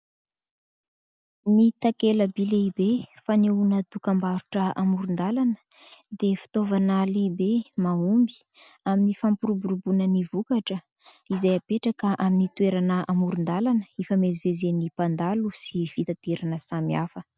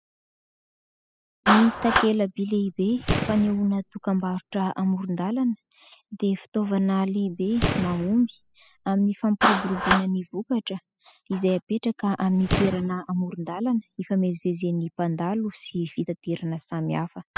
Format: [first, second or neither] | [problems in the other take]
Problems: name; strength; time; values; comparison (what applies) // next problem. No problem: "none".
first | noise reduction (classical method spectral subtraction)